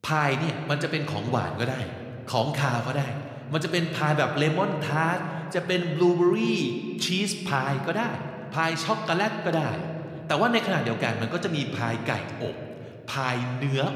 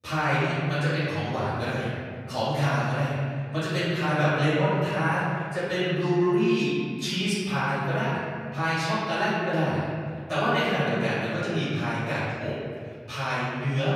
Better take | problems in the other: first | room echo; strong; dies away in 2.1 s; slight in the first // off-mic speech; far

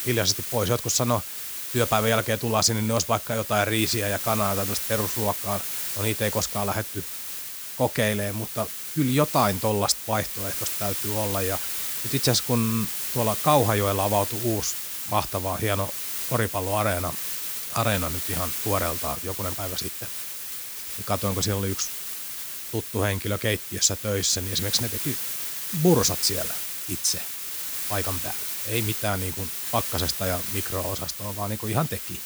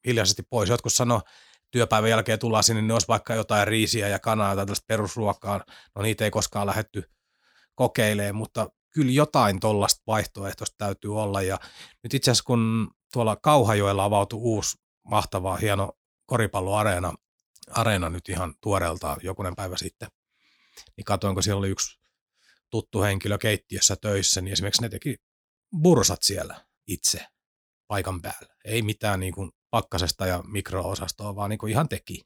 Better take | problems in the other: second | hiss; loud; throughout; 3 dB below the speech

